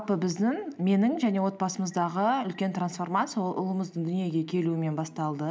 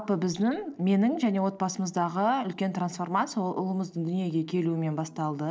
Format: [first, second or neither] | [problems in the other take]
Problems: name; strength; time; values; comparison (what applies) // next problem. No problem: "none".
first | noise reduction (neural separator model SepFormer DNS4)